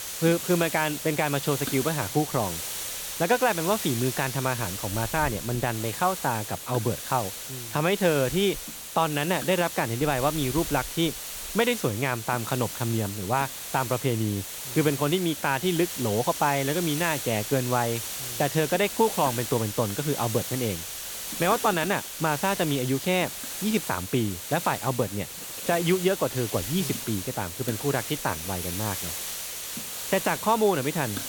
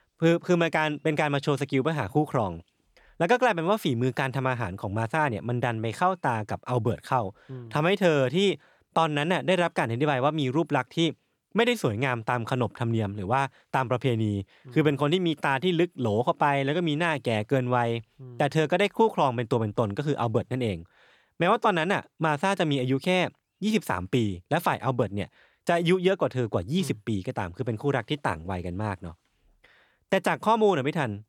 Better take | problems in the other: second | hiss; loud; throughout; 6 dB below the speech

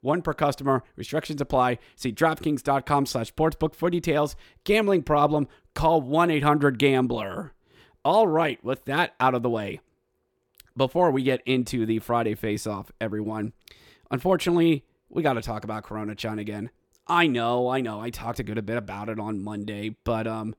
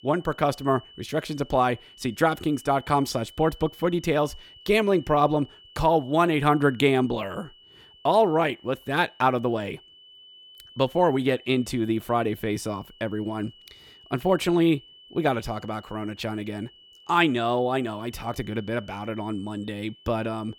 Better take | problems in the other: first | high-pitched whine; faint; throughout; 3 kHz, 25 dB below the speech

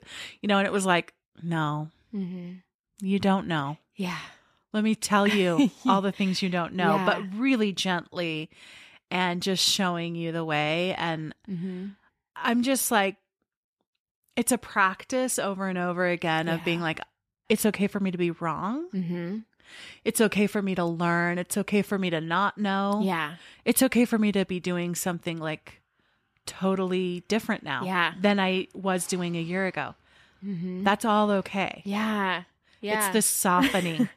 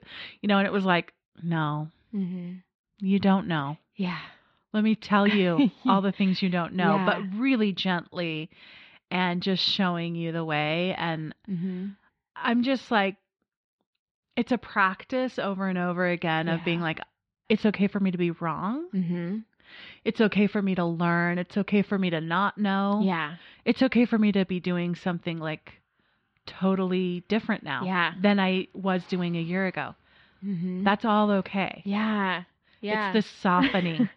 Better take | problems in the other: first | muffled; very slightly; fading above 4 kHz

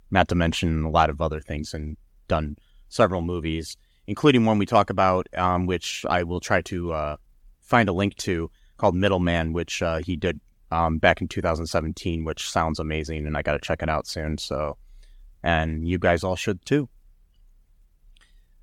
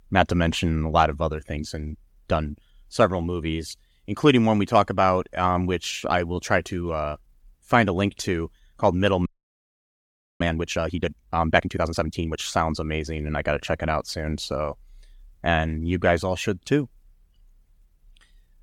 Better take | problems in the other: first | audio freezing; at 9.5 s for 1 s

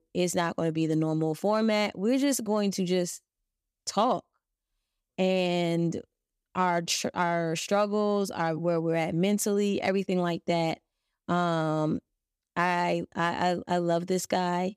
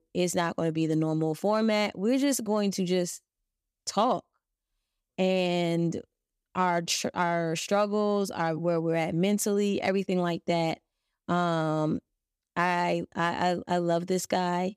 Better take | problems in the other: neither | none

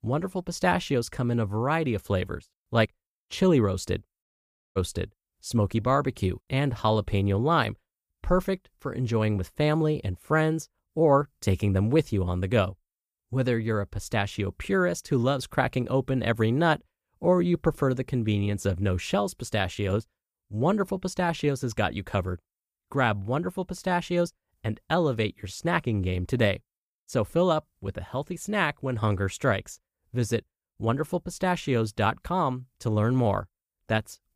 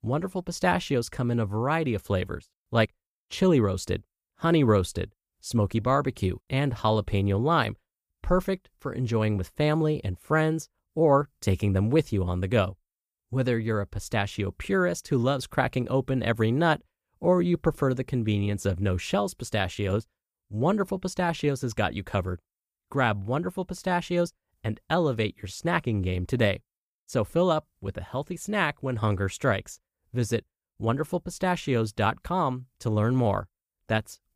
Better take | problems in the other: second | audio cutting out; at 4 s for 0.5 s

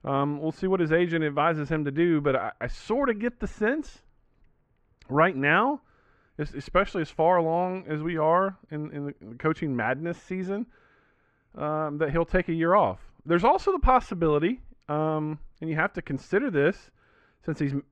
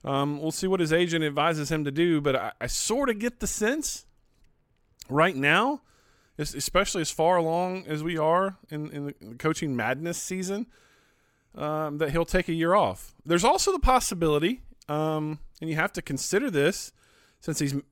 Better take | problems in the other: second | muffled; very; fading above 1.5 kHz

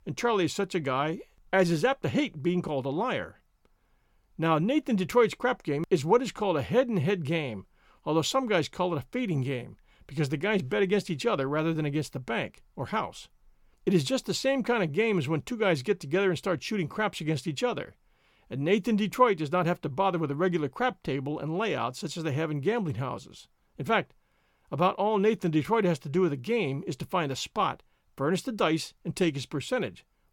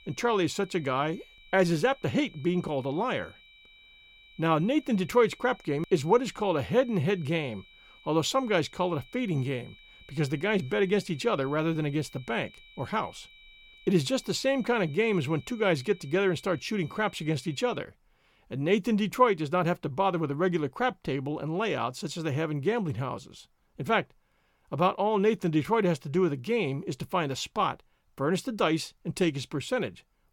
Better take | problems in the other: first | high-pitched whine; faint; until 18 s; 2.5 kHz, 25 dB below the speech

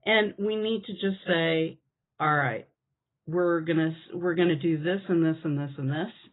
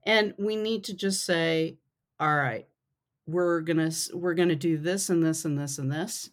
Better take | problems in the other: second | garbled, watery; badly; nothing above 4 kHz

